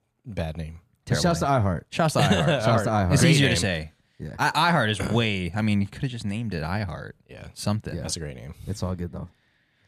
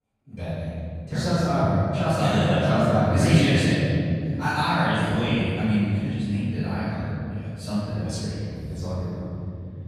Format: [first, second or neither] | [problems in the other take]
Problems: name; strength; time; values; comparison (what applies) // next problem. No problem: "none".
first | room echo; strong; dies away in 3 s // off-mic speech; far